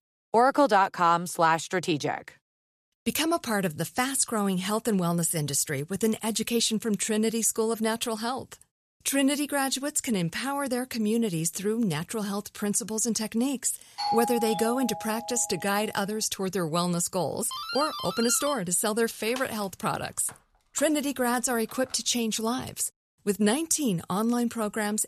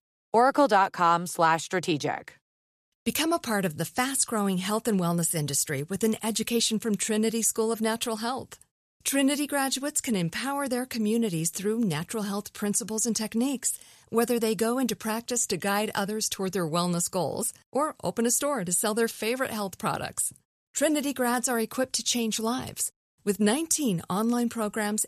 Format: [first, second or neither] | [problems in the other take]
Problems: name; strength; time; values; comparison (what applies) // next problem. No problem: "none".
second | doorbell; noticeable; from 14 to 15 s and from 18 to 22 s; peak 2 dB below the speech